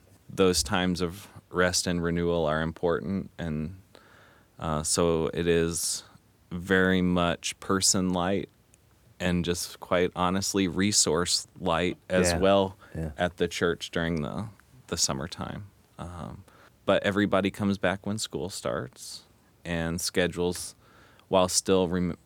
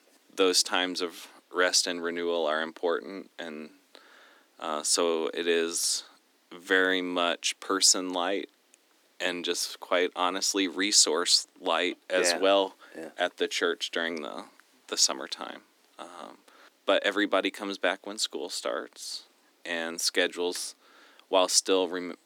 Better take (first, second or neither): first